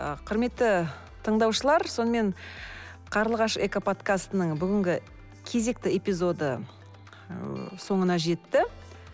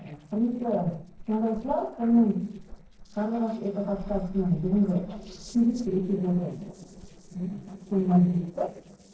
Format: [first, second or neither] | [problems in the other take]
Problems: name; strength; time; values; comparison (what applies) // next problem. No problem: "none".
first | noise reduction (neural separator model SepFormer DNS4)